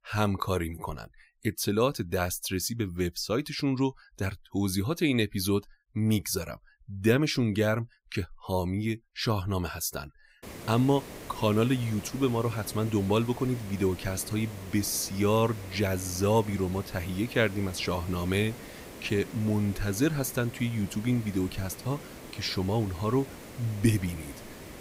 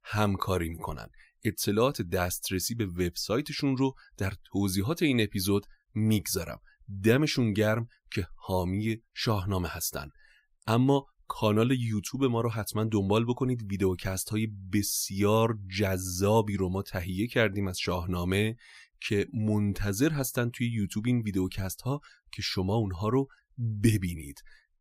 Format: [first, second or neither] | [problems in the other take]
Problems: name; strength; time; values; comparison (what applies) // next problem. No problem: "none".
second | hiss; noticeable; from 10 s on; 15 dB below the speech